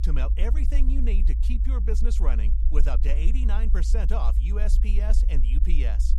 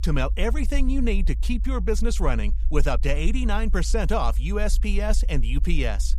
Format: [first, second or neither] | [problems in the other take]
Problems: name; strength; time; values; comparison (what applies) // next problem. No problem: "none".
second | low rumble; loud; throughout; 8 dB below the speech; faint in the second